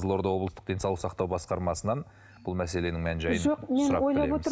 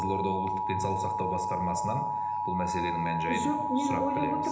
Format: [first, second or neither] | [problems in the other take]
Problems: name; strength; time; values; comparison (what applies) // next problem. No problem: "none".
first | background sound (Alarm); 1 dB above the speech // room echo; dies away in 1 s